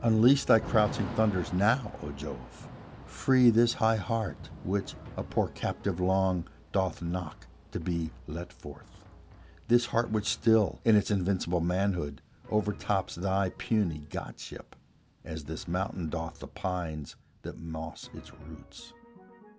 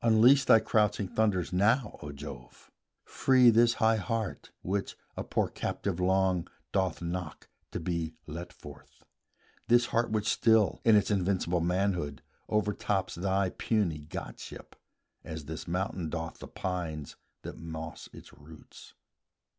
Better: second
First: background sound (Thunder / Rain + Drum); 16 dB below the speech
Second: none

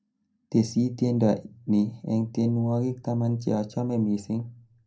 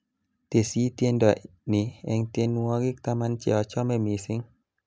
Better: second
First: room echo; dies away in 0.2 s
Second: none

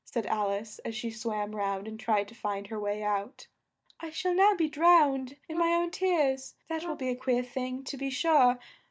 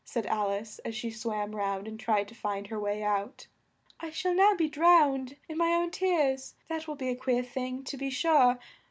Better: second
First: noise reduction (neural mask model DeepFilterNet 3)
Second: none

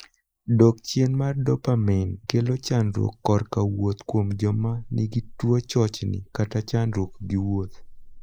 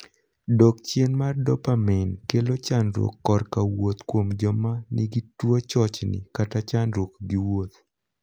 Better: second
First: noise reduction (neural mask model Resemble Enhance denoiser)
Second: none

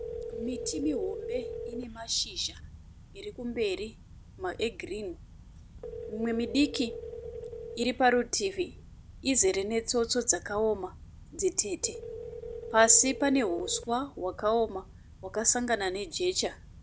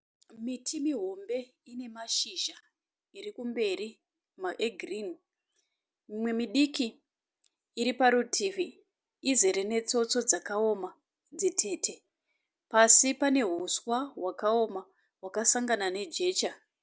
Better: second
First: background sound (Telephone); 12 dB below the speech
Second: none

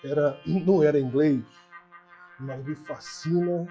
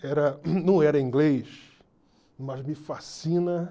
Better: second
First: noise reduction (classical method log-MMSE)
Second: none

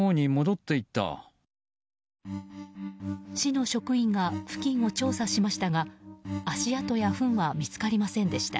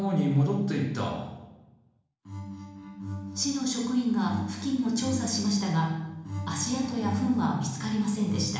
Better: first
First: none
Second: room echo; dies away in 1 s

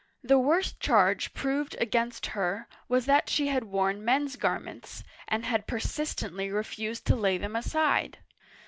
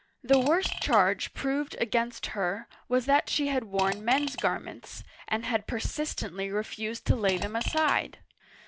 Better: first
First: none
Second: background sound (Fart); 10 dB below the speech

